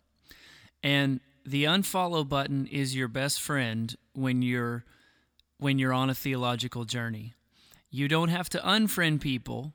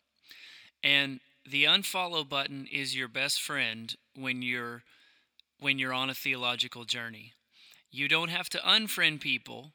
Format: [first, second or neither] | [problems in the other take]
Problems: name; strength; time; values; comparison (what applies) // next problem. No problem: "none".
first | thin; somewhat; fading below 900 Hz